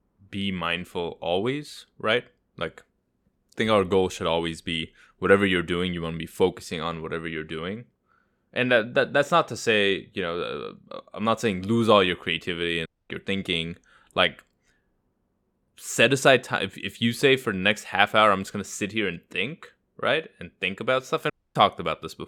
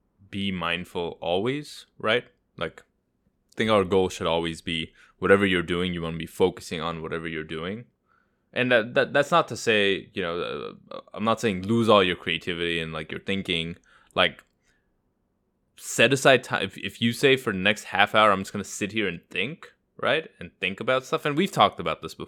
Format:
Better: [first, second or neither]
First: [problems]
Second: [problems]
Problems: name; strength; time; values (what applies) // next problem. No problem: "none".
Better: second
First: audio cutting out; at 13 s and at 21 s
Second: none